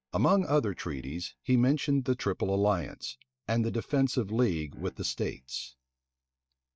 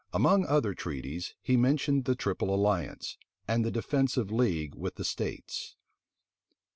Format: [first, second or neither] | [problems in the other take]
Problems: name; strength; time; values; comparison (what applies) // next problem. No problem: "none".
second | noise reduction (neural mask model DeepFilterNet 3)